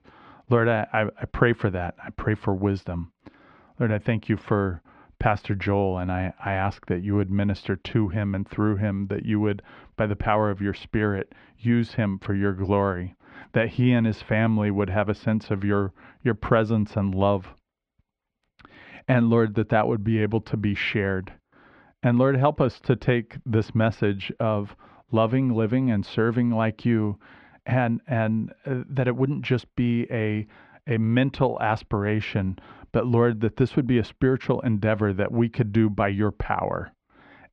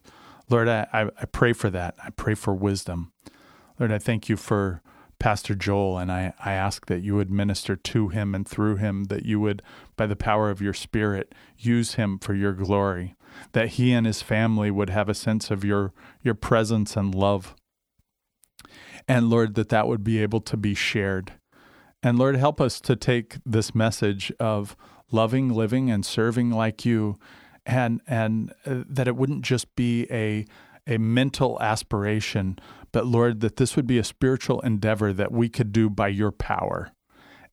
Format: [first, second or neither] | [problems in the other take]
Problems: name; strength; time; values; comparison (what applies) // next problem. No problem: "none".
second | muffled; slightly; fading above 3 kHz